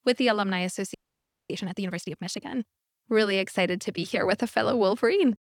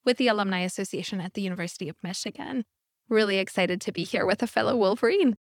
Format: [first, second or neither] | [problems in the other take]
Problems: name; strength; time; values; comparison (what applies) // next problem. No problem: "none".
second | audio freezing; at 1 s for 0.5 s